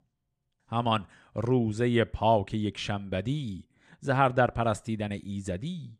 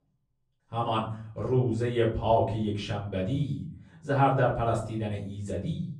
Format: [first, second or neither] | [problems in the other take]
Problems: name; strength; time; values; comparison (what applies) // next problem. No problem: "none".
first | off-mic speech; far // room echo; slight; dies away in 0.5 s